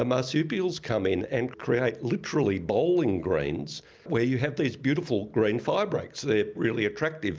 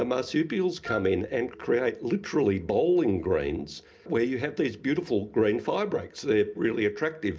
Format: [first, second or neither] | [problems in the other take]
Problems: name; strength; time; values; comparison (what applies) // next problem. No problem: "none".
first | background sound (Wind instrument, woodwind instrument); 12 dB below the speech // room echo; dies away in 0.3 s